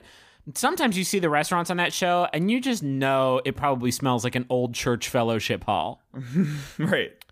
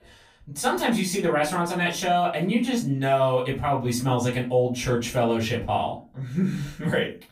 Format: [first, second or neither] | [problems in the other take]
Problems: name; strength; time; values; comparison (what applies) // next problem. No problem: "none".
first | room echo; slight; dies away in 0.3 s // off-mic speech; far